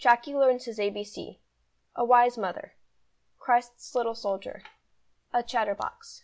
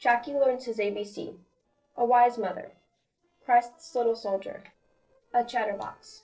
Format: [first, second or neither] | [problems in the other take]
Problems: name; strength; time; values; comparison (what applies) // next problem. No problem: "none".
first | noise reduction (neural separator model SepFormer DNS4)